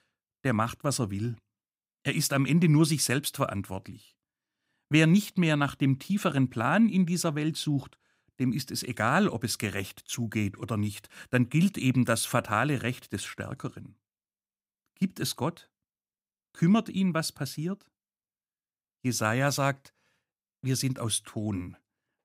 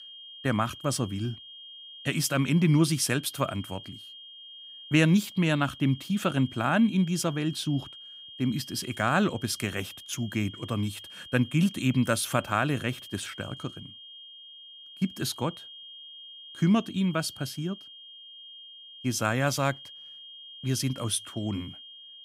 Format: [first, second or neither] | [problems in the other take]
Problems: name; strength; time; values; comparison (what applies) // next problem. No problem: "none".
first | high-pitched whine; noticeable; throughout; 3 kHz, 15 dB below the speech